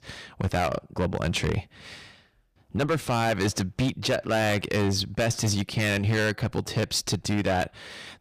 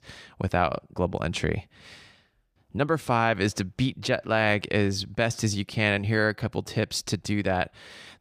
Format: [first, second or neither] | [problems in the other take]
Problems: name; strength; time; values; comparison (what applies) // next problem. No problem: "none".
second | distortion; heavy; 10% of the sound clipped